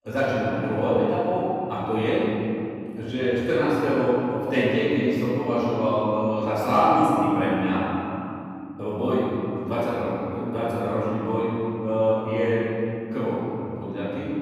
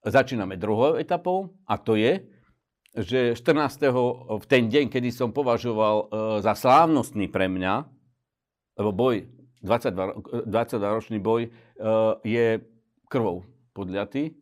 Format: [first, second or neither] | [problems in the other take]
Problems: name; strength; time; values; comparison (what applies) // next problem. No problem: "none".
second | off-mic speech; far // room echo; strong; dies away in 2.8 s